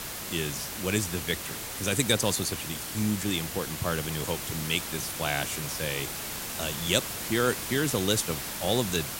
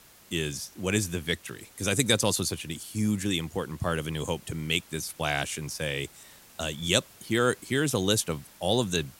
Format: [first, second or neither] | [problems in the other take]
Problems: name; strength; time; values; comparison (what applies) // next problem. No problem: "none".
second | hiss; loud; throughout; 4 dB below the speech; faint in the second